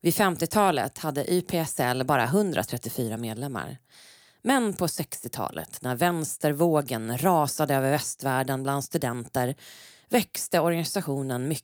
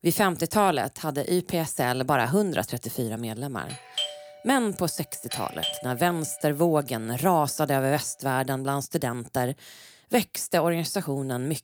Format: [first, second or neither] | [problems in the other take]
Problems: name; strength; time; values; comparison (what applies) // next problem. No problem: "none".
first | doorbell; noticeable; from 3.5 to 6 s; peak 3 dB below the speech